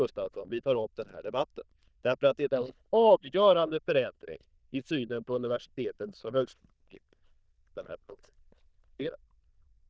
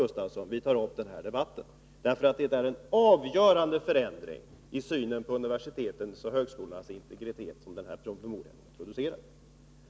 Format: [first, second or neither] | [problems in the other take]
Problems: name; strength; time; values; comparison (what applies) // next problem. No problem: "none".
second | noise reduction (neural diffusion model UNIVERSE++)